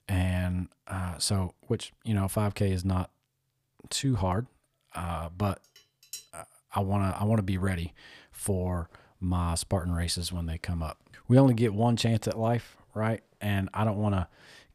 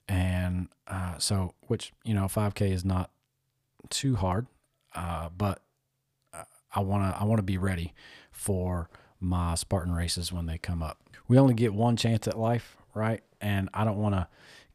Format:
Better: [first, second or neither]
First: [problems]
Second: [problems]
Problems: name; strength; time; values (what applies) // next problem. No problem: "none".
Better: second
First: clattering dishes; faint; at 6 s; peak 15 dB below the speech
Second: none